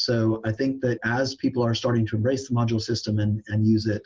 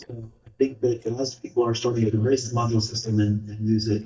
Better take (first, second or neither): first